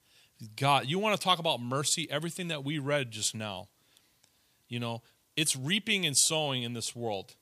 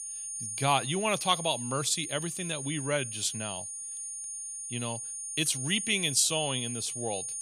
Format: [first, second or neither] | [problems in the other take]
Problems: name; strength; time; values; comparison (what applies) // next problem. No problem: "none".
first | high-pitched whine; loud; throughout; 9.5 kHz, 5 dB below the speech